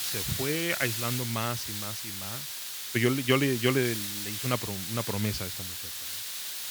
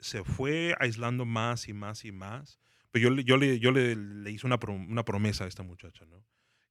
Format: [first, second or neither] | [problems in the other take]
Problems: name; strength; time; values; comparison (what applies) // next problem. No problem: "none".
second | hiss; loud; throughout; 3 dB below the speech